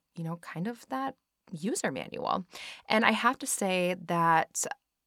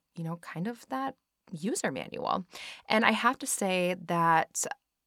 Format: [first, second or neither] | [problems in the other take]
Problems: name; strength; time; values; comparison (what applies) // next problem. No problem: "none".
neither | none